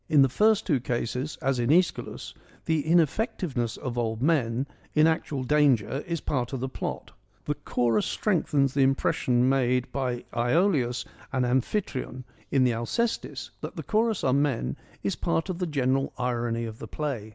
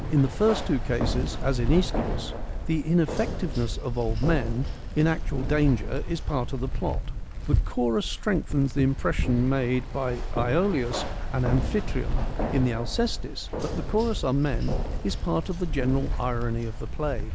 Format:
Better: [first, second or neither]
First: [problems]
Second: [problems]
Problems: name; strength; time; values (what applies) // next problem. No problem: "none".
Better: first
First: none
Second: background sound (Keys jangling); 2 dB below the speech